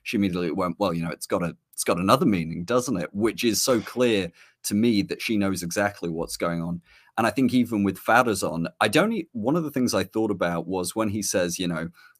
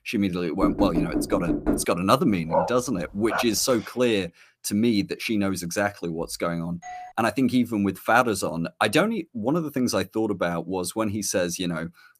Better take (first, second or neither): first